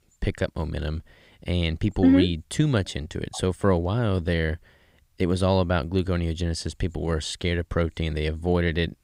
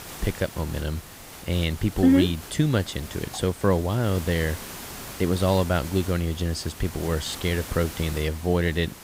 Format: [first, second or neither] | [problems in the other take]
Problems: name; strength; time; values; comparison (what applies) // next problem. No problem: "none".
first | hiss; noticeable; throughout; 15 dB below the speech